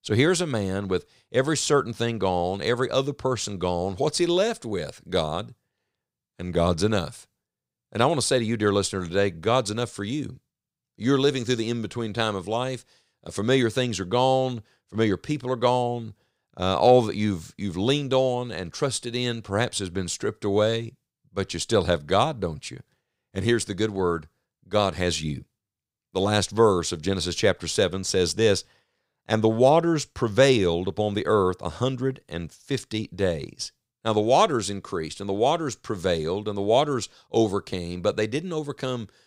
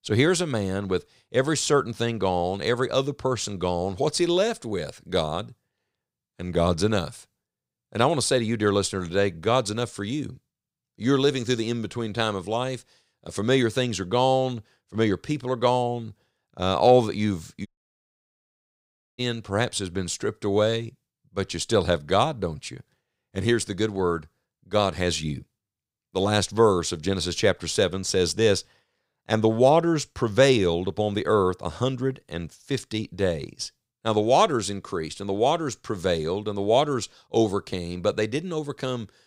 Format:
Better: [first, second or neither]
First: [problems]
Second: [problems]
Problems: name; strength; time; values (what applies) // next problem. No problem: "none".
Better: first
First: none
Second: audio cutting out; at 18 s for 1.5 s